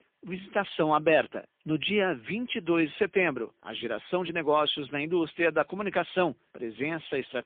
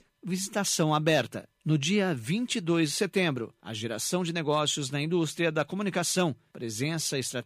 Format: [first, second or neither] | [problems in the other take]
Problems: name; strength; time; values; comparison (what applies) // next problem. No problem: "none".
second | phone-call audio; poor line; nothing above 3.5 kHz